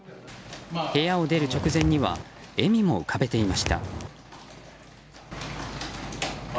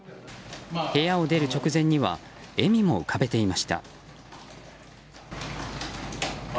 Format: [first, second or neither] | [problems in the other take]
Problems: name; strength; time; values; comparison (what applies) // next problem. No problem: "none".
second | background sound (Walk, footsteps); 4 dB below the speech